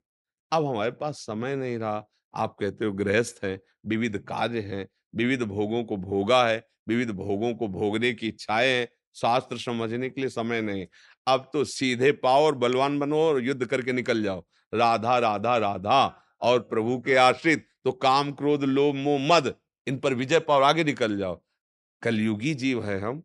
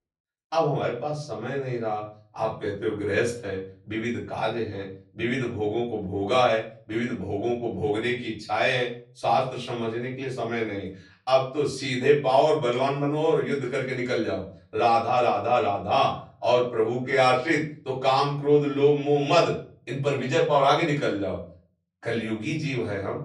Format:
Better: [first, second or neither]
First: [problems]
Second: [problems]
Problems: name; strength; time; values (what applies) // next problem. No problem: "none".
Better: first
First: none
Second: off-mic speech; far // room echo; slight; dies away in 0.5 s